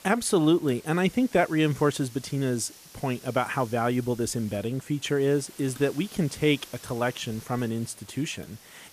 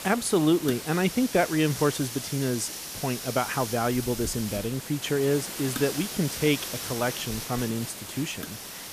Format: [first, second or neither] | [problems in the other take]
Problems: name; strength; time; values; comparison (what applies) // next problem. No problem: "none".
first | hiss; loud; throughout; 7 dB below the speech; faint in the first